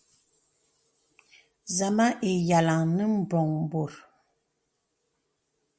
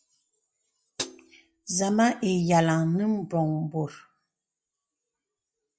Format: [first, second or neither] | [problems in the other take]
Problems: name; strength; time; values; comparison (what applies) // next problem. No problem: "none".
first | noise reduction (classical method log-MMSE)